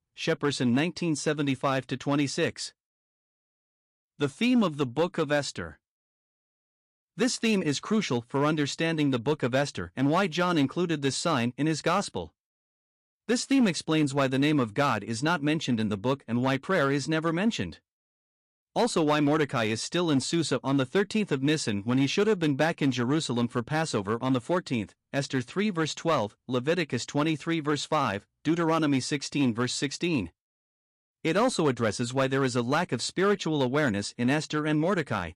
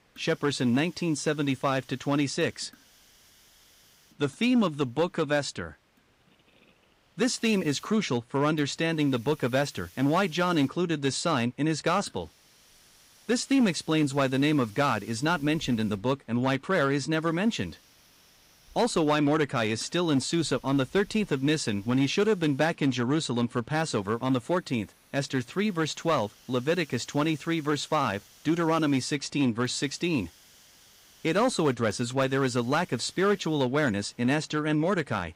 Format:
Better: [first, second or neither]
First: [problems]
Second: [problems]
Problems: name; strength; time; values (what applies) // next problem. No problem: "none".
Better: first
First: none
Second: hiss; faint; throughout; 30 dB below the speech